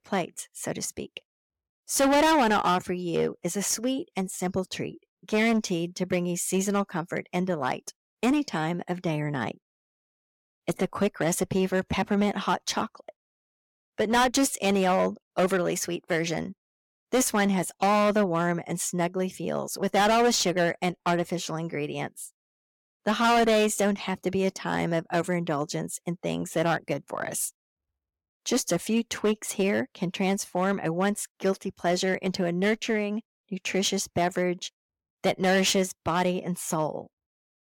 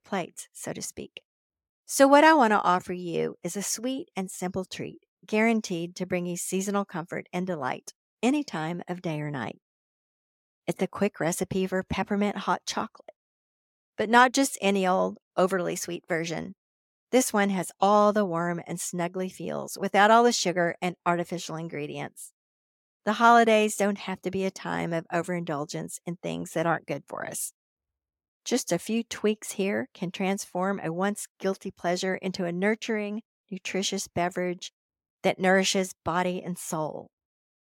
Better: second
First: distortion; heavy; 6% of the sound clipped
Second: none

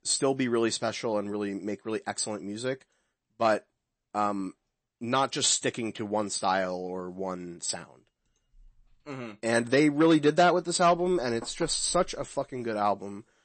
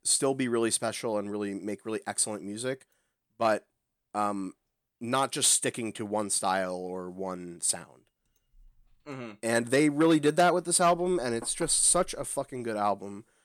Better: second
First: garbled, watery; slightly; nothing above 8 kHz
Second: none

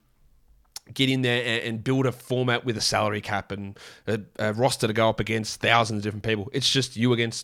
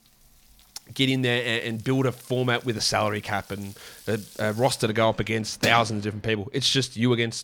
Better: first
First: none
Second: household noises; noticeable; throughout; 15 dB below the speech

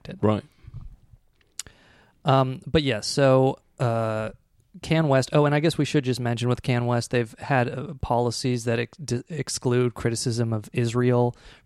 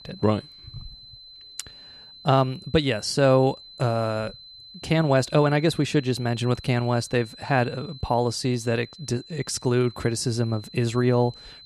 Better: first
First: none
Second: high-pitched whine; noticeable; throughout; 4 kHz, 20 dB below the speech

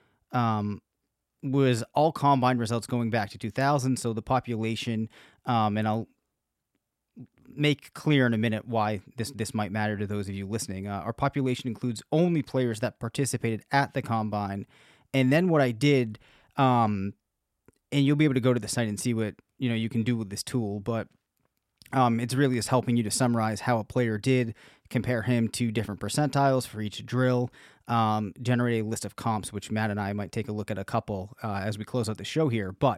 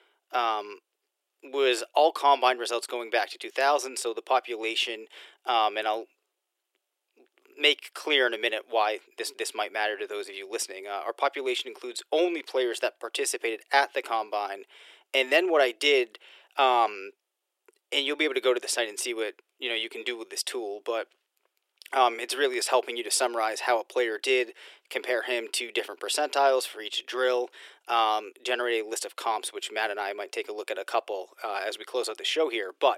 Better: first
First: none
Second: thin; very; fading below 350 Hz

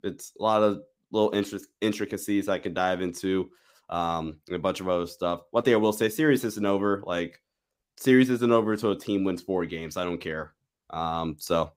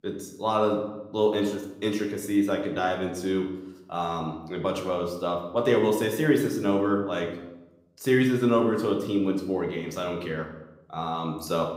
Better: first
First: none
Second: room echo; slight; dies away in 0.7 s // off-mic speech; somewhat distant

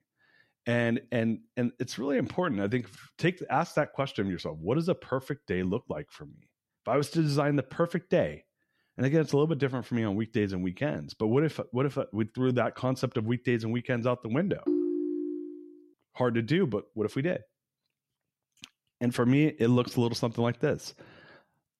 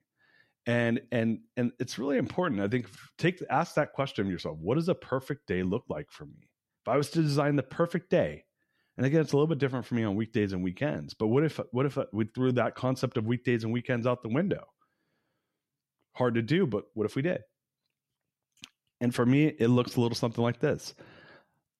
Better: second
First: phone ringing; loud; at 15 s; peak level with the speech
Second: none

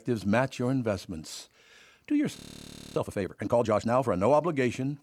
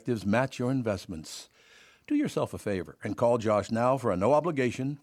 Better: second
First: audio freezing; at 2.5 s for 0.5 s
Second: none

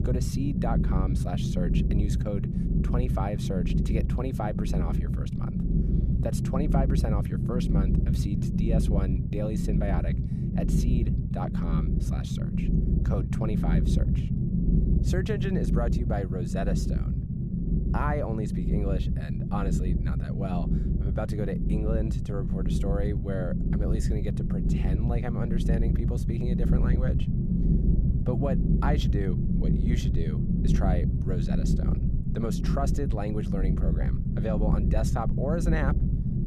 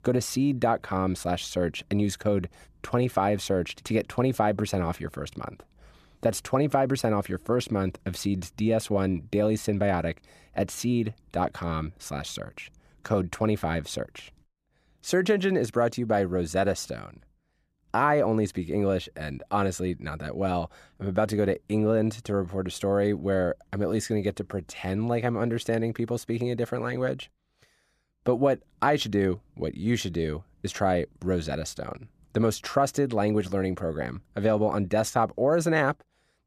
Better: second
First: low rumble; loud; throughout; 2 dB below the speech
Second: none

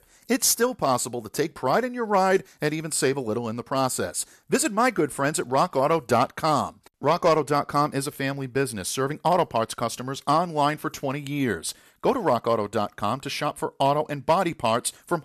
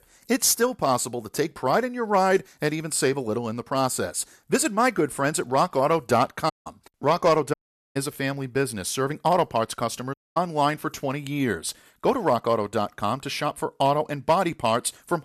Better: first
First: none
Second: audio cutting out; at 6.5 s, at 7.5 s and at 10 s

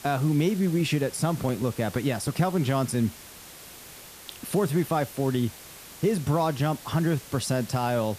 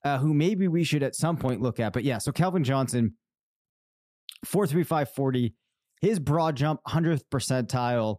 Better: second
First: hiss; noticeable; throughout; 15 dB below the speech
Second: none

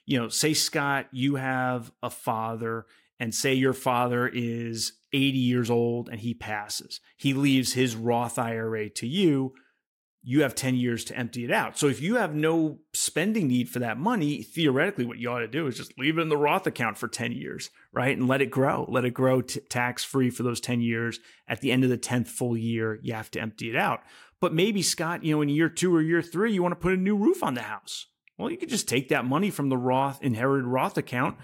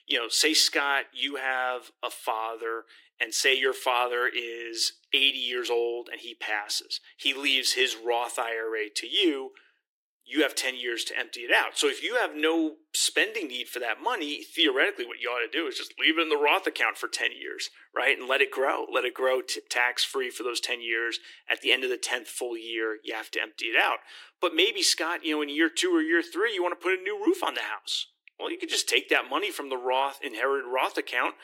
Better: first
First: none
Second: thin; very; fading below 300 Hz

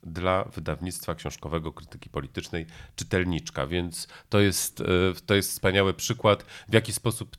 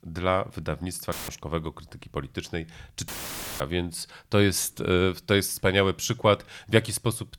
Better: first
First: none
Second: audio cutting out; filled with static; at 1 s and at 3 s for 0.5 s

